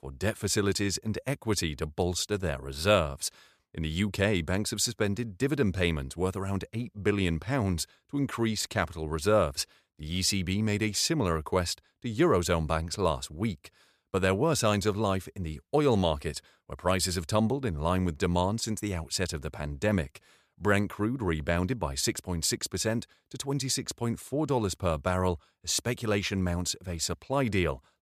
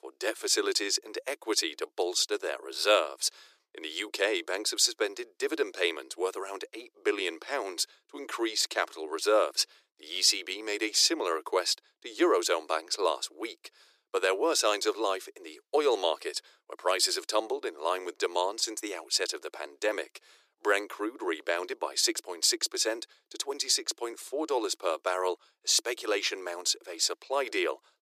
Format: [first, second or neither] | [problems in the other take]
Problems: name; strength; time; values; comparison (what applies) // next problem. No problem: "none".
first | thin; very; fading below 350 Hz